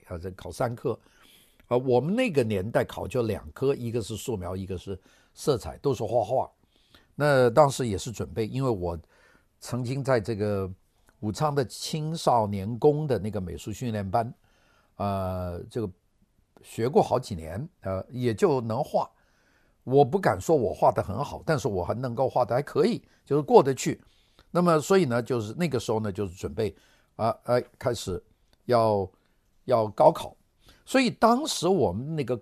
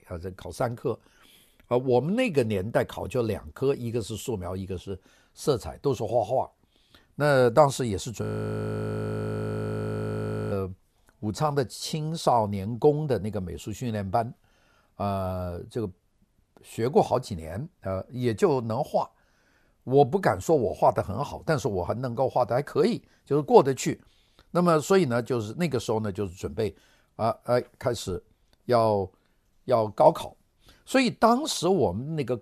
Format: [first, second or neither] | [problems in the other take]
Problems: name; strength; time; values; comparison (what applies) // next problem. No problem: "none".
first | audio freezing; at 8 s for 2.5 s